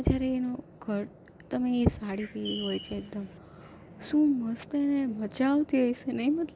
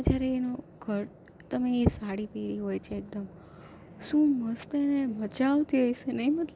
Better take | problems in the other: second | background sound (Bird); 14 dB below the speech

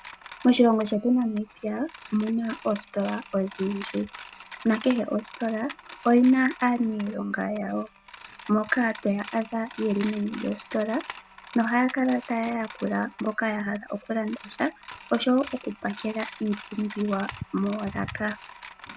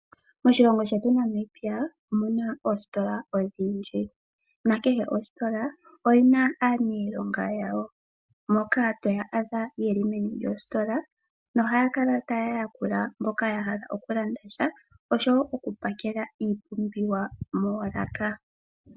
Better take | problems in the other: second | background sound (Coin (dropping)); 18 dB below the speech

